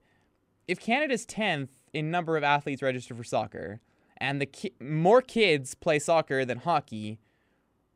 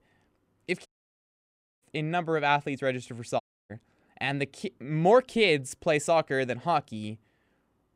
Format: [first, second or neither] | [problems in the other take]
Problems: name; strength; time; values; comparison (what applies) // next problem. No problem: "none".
first | audio cutting out; at 1 s for 1 s and at 3.5 s